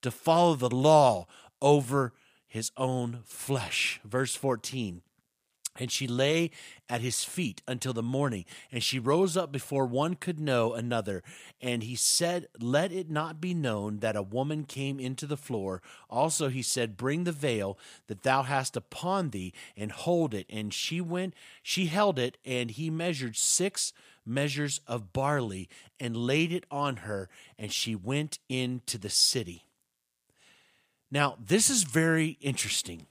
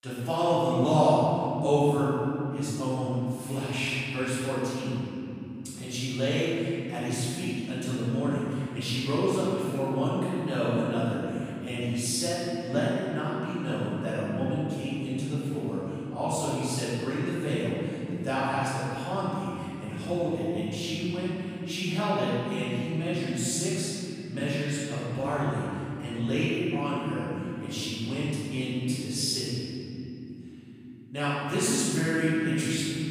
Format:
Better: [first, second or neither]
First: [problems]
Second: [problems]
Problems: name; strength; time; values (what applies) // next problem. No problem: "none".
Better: first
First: none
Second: room echo; strong; dies away in 3 s // off-mic speech; far